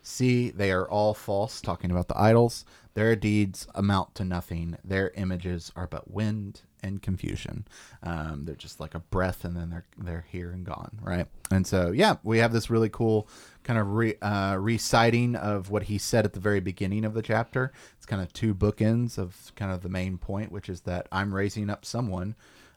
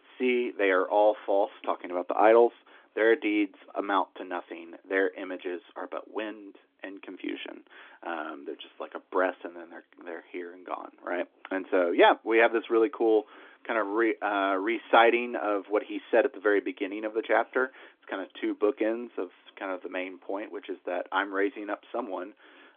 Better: first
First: none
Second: phone-call audio; nothing above 3.5 kHz

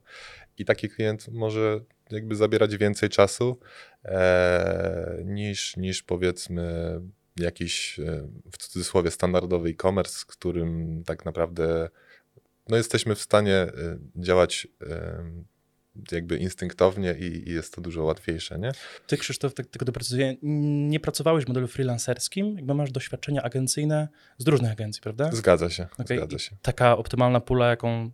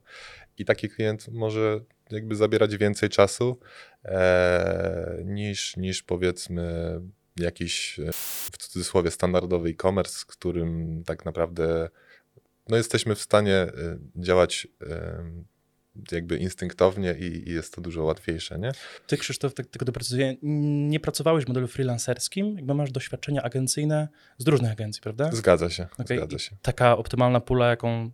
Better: first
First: none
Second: audio cutting out; filled with static; at 8 s

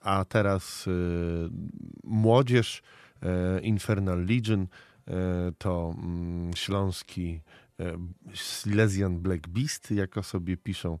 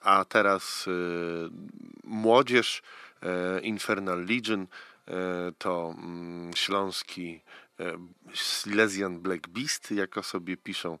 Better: first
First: none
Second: thin; somewhat; fading below 250 Hz

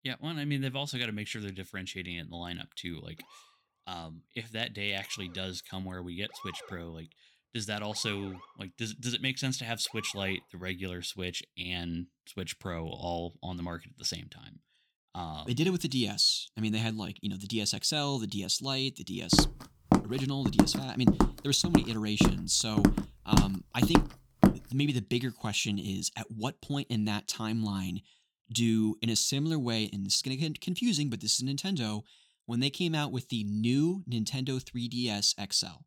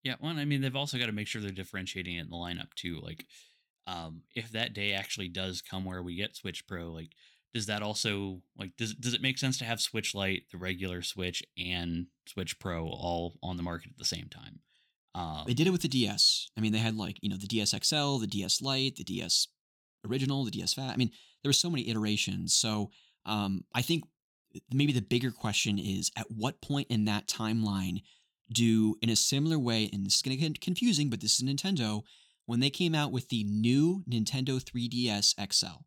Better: second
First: siren; faint; from 3 to 10 s; peak 15 dB below the speech // footsteps; loud; from 19 to 25 s; peak 6 dB above the speech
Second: none

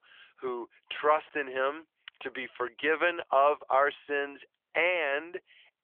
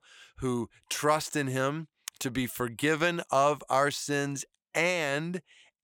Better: second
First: phone-call audio; nothing above 3 kHz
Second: none

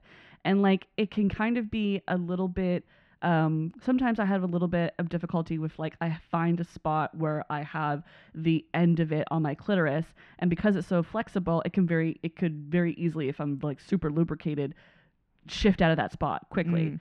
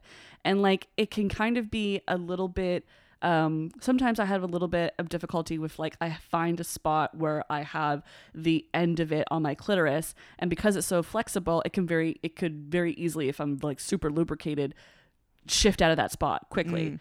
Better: second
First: muffled; slightly; fading above 2.5 kHz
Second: none

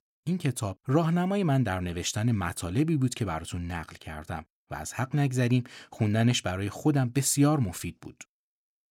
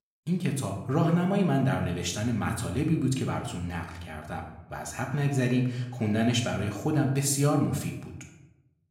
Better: first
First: none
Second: room echo; slight; dies away in 0.7 s // off-mic speech; somewhat distant

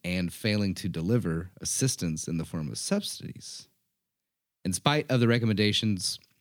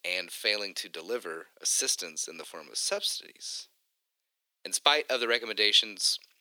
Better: first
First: none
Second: thin; very; fading below 450 Hz

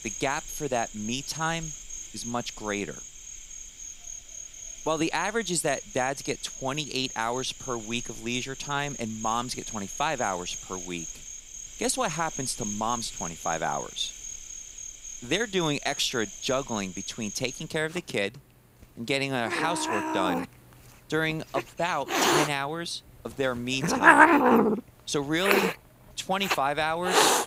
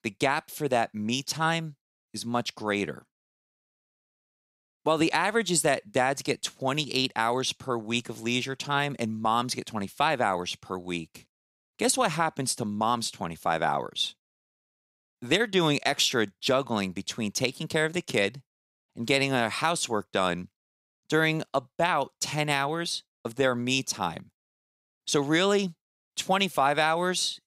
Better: second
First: animal sounds; very loud; throughout; as loud as the speech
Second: none

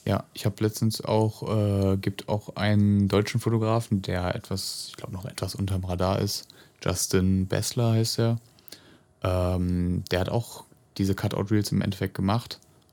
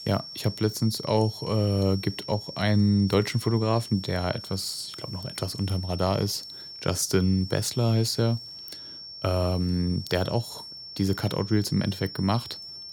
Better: first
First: none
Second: high-pitched whine; noticeable; throughout; 5.5 kHz, 10 dB below the speech

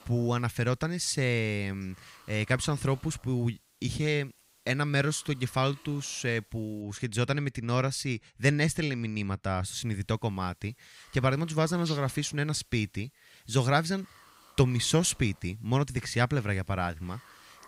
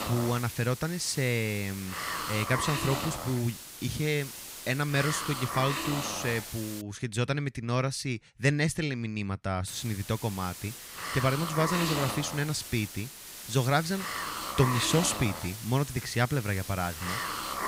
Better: first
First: hiss; faint; until 7 s and from 9.5 s on; 25 dB below the speech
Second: hiss; loud; until 7 s and from 9.5 s on; 5 dB below the speech

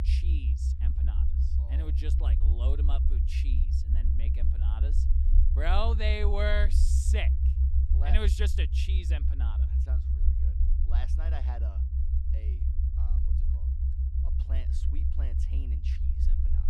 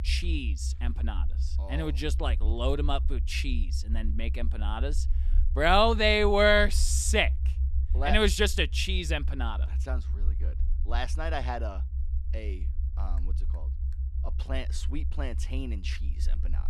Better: second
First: low rumble; loud; throughout; 9 dB below the speech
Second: low rumble; faint; throughout; 25 dB below the speech

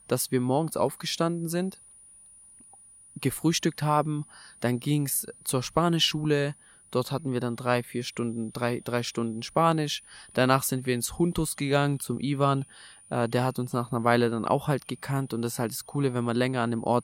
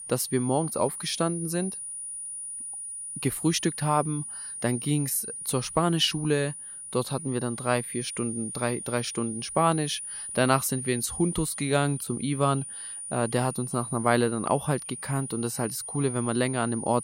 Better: first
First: high-pitched whine; faint; throughout; 9.5 kHz, 25 dB below the speech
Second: high-pitched whine; loud; throughout; 9.5 kHz, 7 dB below the speech

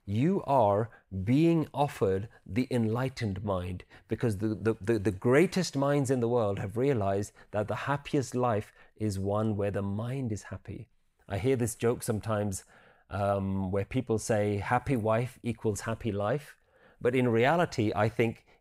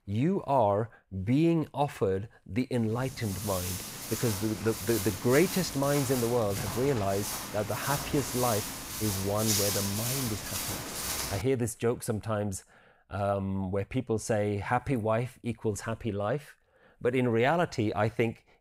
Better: first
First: none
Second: footsteps; loud; from 3 to 11 s; peak 3 dB above the speech

